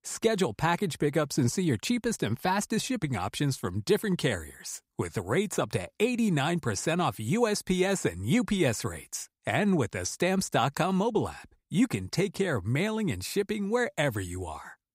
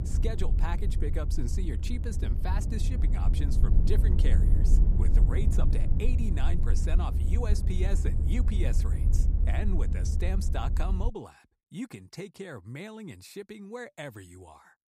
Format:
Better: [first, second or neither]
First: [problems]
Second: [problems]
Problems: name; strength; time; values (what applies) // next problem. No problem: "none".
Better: first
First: none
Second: low rumble; loud; until 11 s; 4 dB below the speech